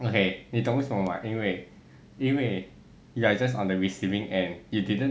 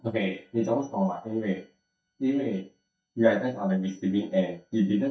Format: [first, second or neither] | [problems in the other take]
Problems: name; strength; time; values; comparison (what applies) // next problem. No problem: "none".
first | noise reduction (neural mask model DeepFilterNet 3)